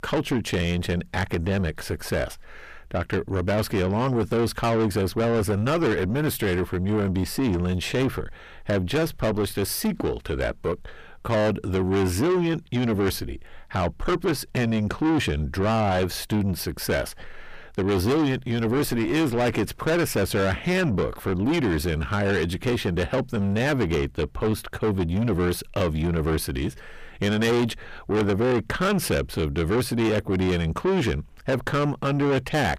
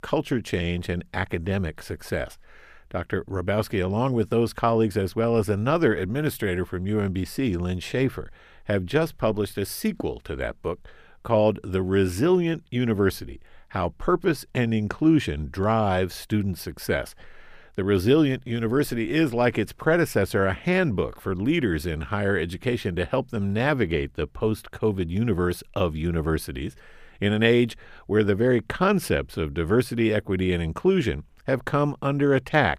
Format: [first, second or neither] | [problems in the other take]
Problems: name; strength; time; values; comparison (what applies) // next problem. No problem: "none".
second | distortion; heavy; 7 dB below the speech